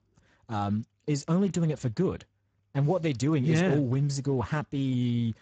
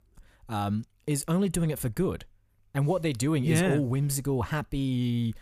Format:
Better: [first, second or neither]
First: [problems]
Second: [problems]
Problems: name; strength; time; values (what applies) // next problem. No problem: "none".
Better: second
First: garbled, watery; badly; nothing above 8 kHz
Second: none